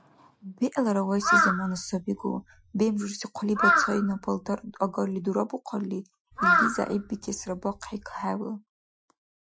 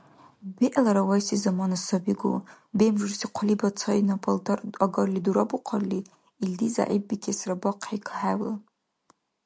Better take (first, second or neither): second